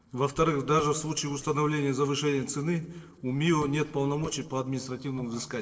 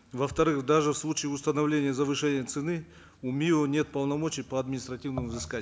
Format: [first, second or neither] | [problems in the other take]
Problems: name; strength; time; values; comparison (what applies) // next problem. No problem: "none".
second | noise reduction (neural separator model SepFormer DNS4)